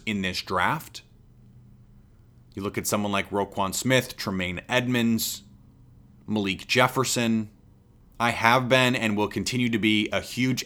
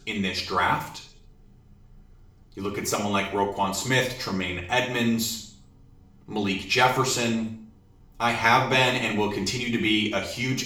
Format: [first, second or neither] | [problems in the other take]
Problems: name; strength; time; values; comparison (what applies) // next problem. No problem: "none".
first | room echo; noticeable; dies away in 0.5 s // off-mic speech; far